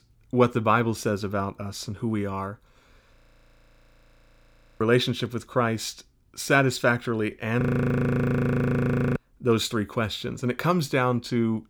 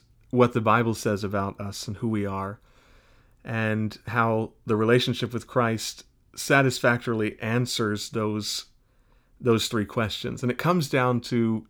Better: second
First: audio freezing; at 3 s for 1.5 s and at 7.5 s for 1.5 s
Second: none

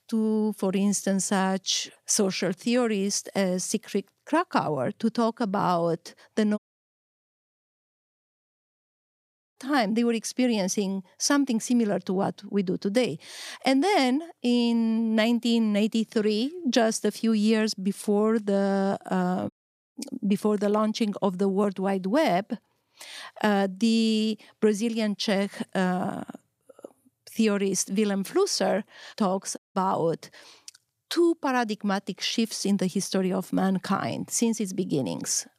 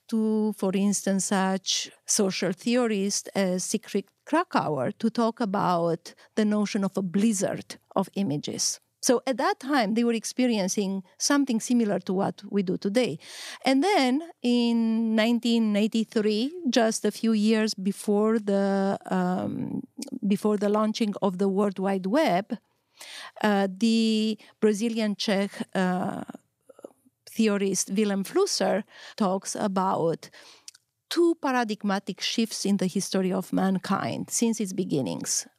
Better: second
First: audio cutting out; at 6.5 s for 3 s, at 20 s and at 30 s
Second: none

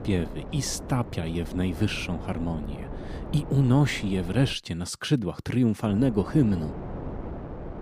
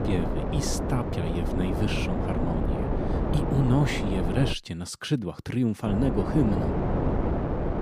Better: first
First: wind noise on the microphone; occasional gusts; until 4.5 s and from 6 s on; 10 dB below the speech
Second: wind noise on the microphone; heavy; until 4.5 s and from 6 s on; as loud as the speech

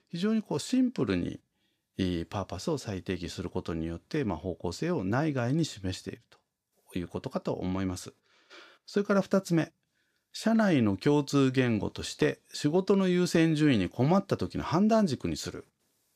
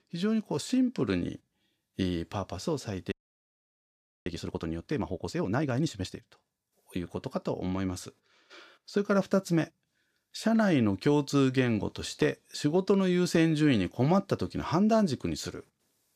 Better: first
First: none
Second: audio freezing; at 3 s for 1 s

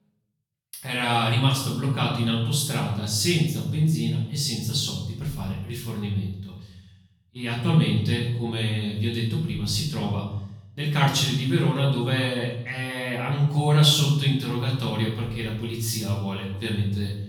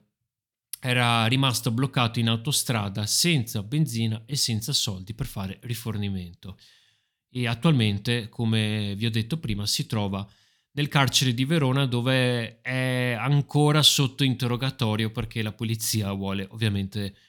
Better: second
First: off-mic speech; far // room echo; noticeable; dies away in 0.8 s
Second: none

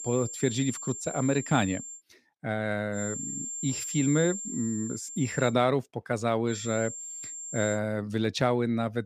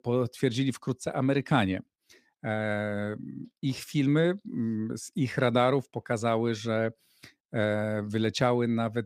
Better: second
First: high-pitched whine; loud; until 2 s, from 3 to 5.5 s and from 6.5 to 8 s; 7.5 kHz, 7 dB below the speech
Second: none

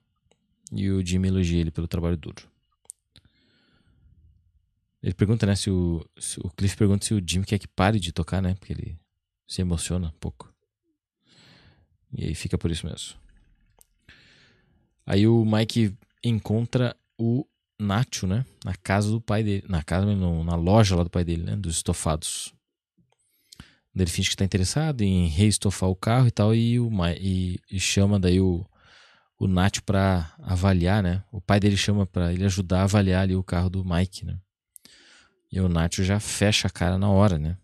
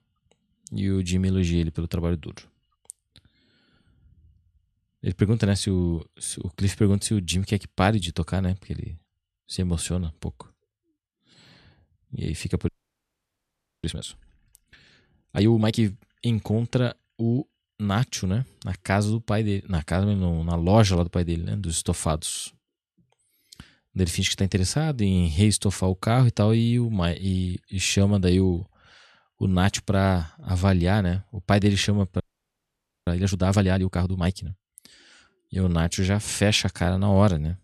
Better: first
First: none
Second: audio freezing; at 13 s for 1 s and at 32 s for 1 s

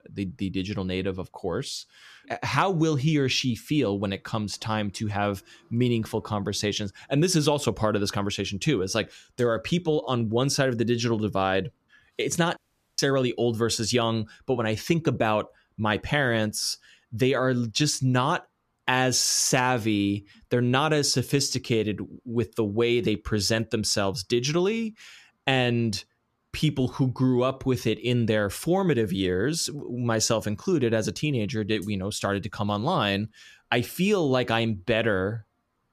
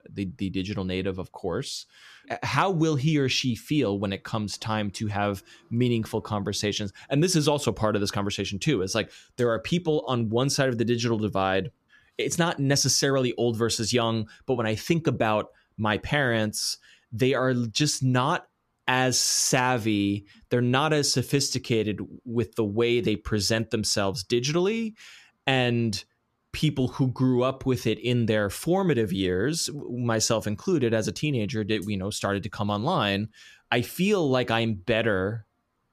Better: second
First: audio cutting out; at 13 s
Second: none

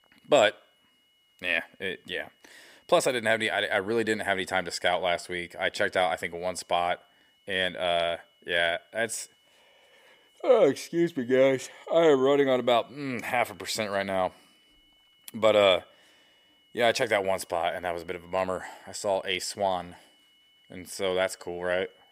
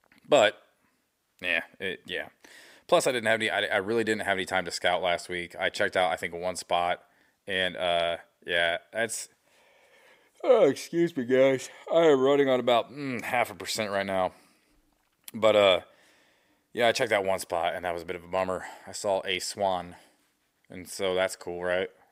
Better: second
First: high-pitched whine; faint; throughout; 3 kHz, 35 dB below the speech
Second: none

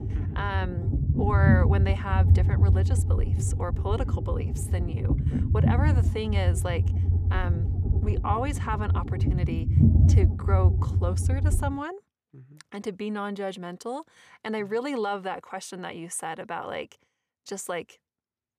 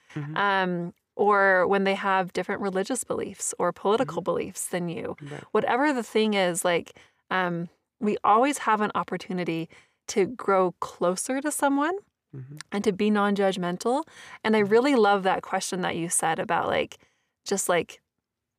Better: second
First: low rumble; loud; until 12 s; 5 dB below the speech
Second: none

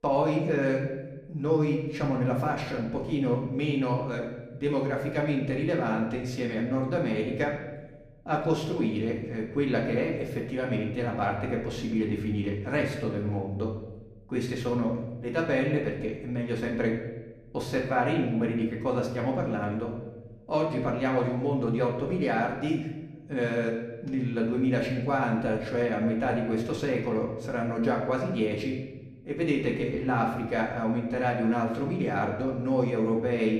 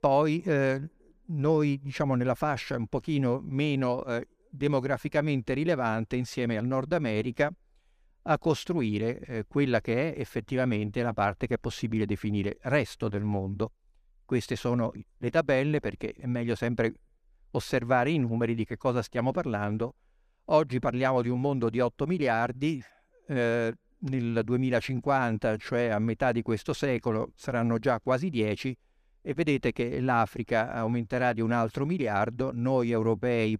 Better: second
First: room echo; slight; dies away in 0.9 s // off-mic speech; far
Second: none

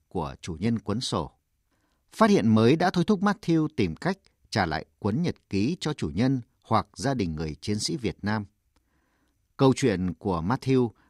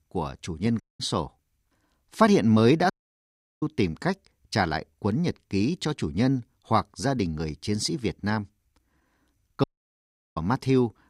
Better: first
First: none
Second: audio cutting out; at 1 s, at 3 s for 0.5 s and at 9.5 s for 0.5 s

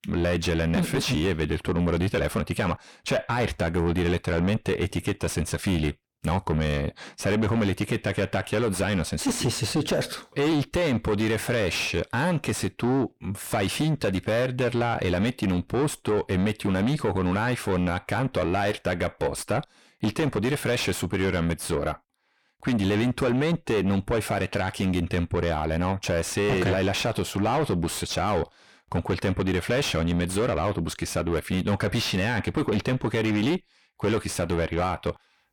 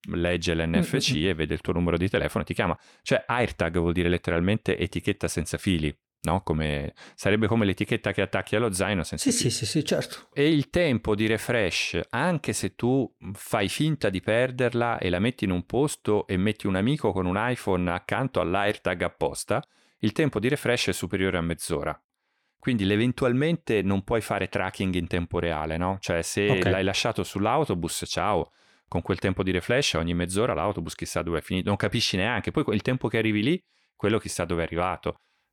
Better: second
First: distortion; heavy; 7 dB below the speech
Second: none

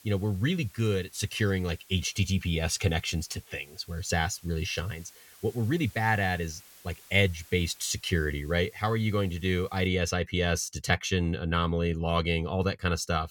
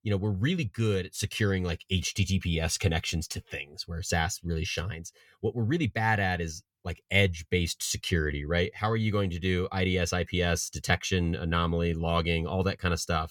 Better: second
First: hiss; faint; until 10 s; 25 dB below the speech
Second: none

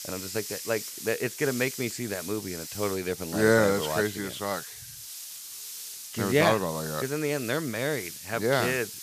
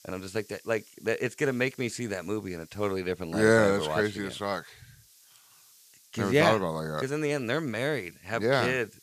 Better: second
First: hiss; loud; throughout; 9 dB below the speech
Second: hiss; faint; throughout; 25 dB below the speech

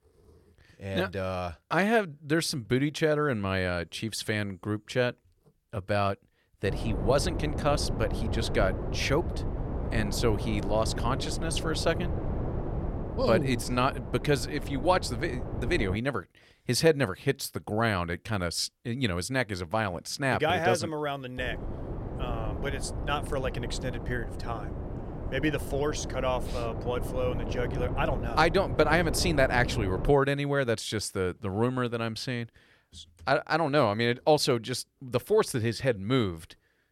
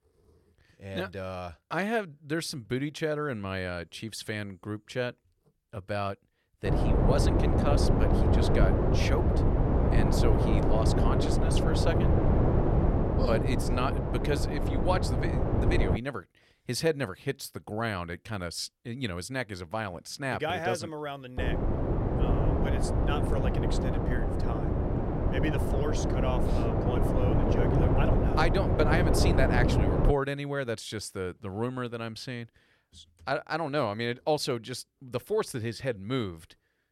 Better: first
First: wind noise on the microphone; occasional gusts; from 6.5 to 16 s and from 21 to 30 s; 10 dB below the speech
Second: wind noise on the microphone; heavy; from 6.5 to 16 s and from 21 to 30 s; 1 dB above the speech

